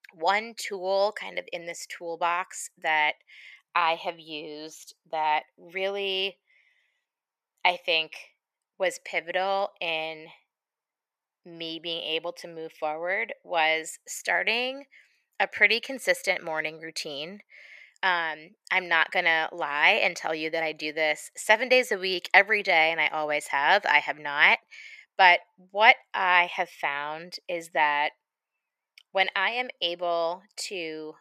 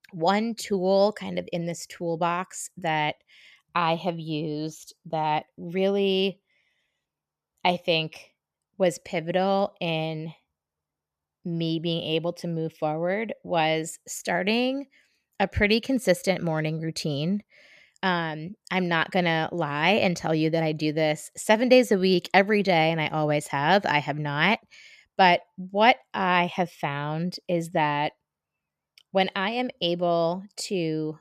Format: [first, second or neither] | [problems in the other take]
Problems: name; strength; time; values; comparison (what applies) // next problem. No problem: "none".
second | thin; very; fading below 550 Hz